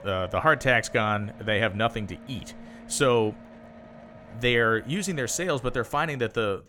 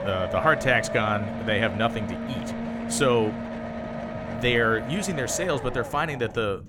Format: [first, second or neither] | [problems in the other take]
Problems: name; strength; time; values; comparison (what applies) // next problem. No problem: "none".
first | low rumble; loud; throughout; 9 dB below the speech; faint in the first